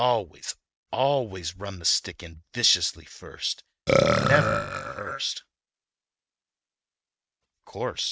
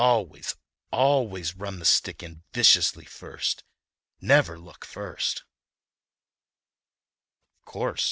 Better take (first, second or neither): second